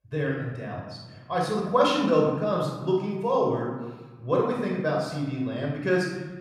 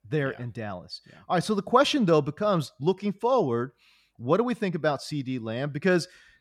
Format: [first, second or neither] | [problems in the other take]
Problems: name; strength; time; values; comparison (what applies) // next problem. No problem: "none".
second | room echo; noticeable; dies away in 1 s // off-mic speech; somewhat distant